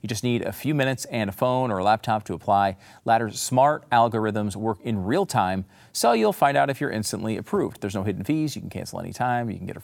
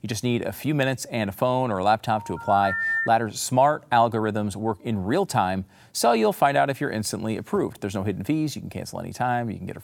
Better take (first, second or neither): first